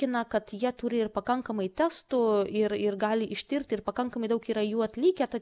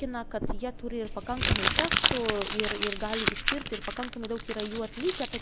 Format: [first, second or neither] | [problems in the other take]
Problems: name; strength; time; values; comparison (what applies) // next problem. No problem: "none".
first | background sound (Crumpling, crinkling); 3 dB above the speech